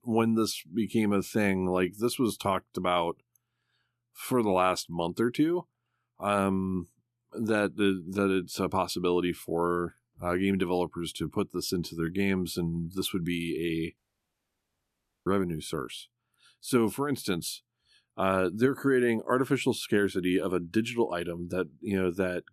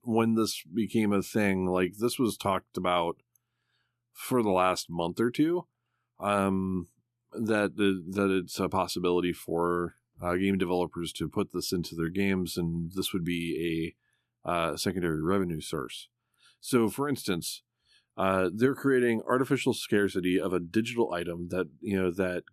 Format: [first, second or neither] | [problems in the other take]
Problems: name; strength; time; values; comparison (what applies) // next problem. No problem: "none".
second | audio cutting out; at 14 s for 1.5 s